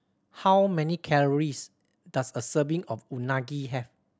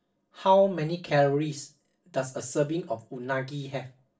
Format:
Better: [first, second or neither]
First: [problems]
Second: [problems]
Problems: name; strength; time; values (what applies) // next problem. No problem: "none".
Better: first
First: none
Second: room echo; dies away in 0.3 s